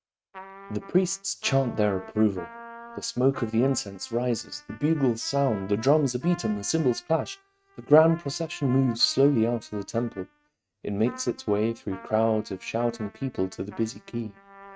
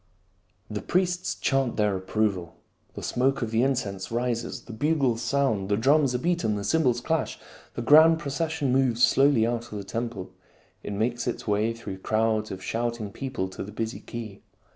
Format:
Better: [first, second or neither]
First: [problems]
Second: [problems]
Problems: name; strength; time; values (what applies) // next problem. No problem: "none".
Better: second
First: noise reduction (neural mask model RNNoise)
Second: none